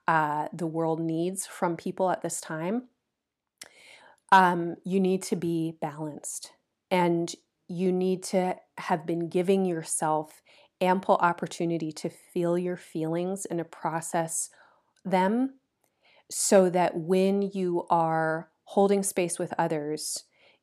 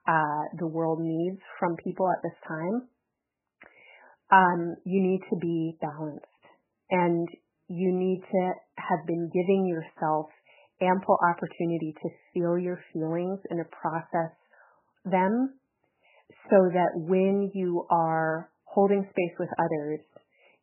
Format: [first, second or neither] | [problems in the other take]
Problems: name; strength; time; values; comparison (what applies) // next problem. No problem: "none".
first | garbled, watery; badly; nothing above 3 kHz